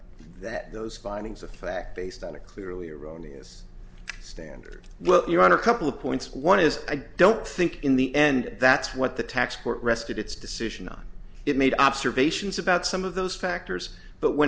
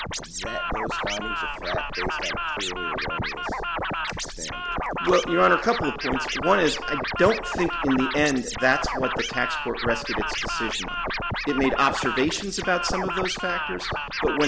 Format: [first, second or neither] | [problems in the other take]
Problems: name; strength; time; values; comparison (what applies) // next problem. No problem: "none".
first | background sound (Scratching (performance technique)); 3 dB below the speech